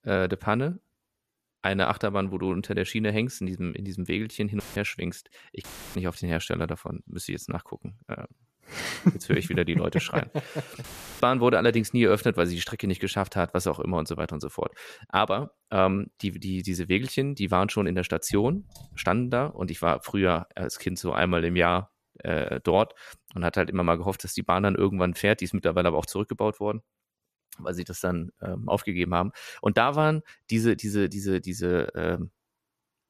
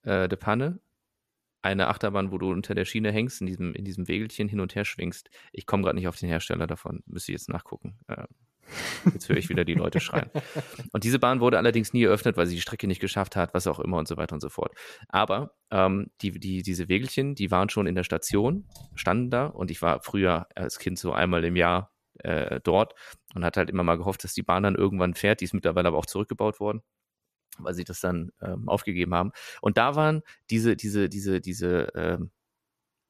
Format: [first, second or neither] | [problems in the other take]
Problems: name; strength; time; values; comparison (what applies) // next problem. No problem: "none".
second | audio cutting out; filled with static; at 4.5 s, at 5.5 s and at 11 s